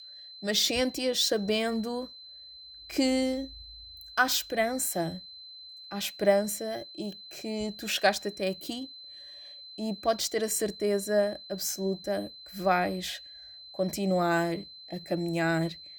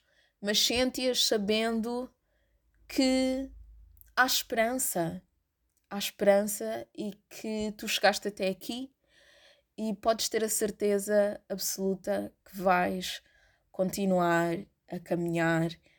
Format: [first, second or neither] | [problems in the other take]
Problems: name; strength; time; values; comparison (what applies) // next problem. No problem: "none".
second | high-pitched whine; noticeable; throughout; 4 kHz, 15 dB below the speech